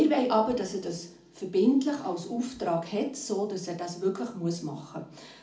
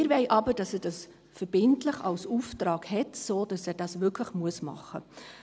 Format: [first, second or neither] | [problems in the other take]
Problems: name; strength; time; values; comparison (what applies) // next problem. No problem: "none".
second | room echo; dies away in 0.4 s